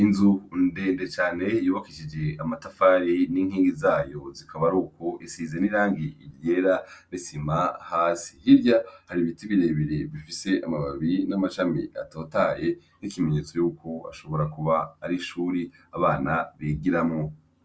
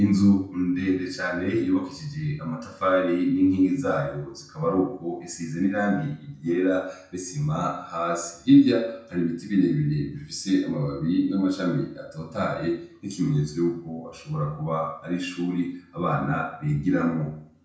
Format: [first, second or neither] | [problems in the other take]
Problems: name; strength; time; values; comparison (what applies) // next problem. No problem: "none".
first | room echo; dies away in 0.5 s